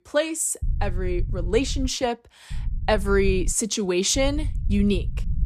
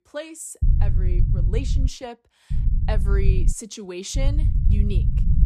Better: first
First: low rumble; faint; from 0.5 to 2 s, from 2.5 to 3.5 s and from 4 s on; 20 dB below the speech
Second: low rumble; loud; from 0.5 to 2 s, from 2.5 to 3.5 s and from 4 s on; 5 dB below the speech

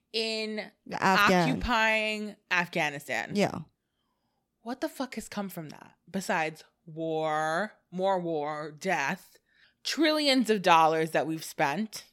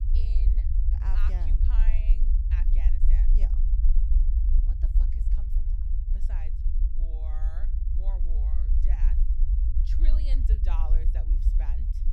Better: first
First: none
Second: low rumble; loud; throughout; 1 dB below the speech

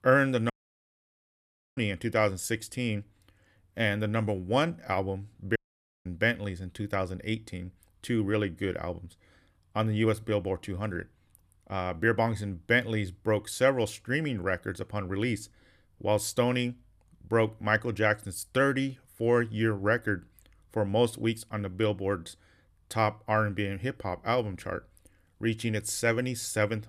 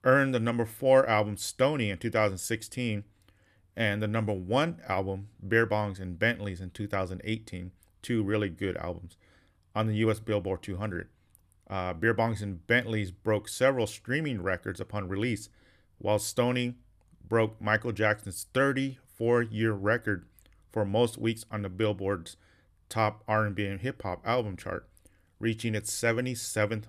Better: second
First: audio cutting out; at 0.5 s for 1.5 s and at 5.5 s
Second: none

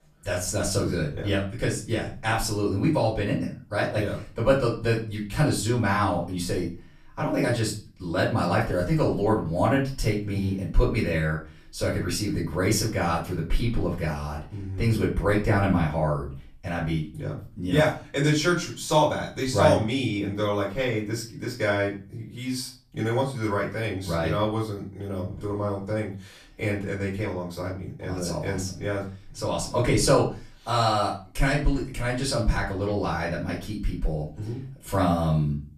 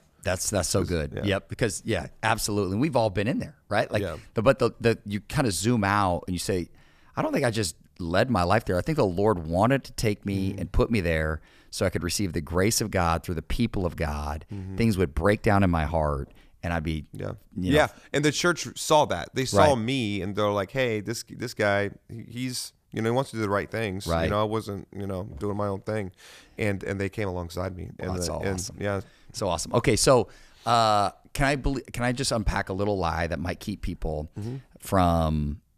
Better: second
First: off-mic speech; far // room echo; slight; dies away in 0.3 s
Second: none

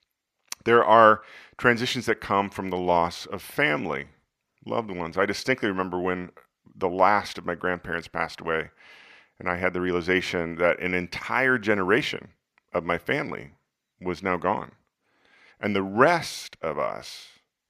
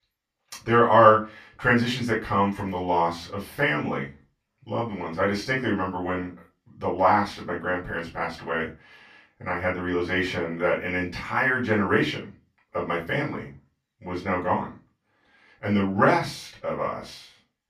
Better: first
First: none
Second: off-mic speech; far // room echo; slight; dies away in 0.2 s

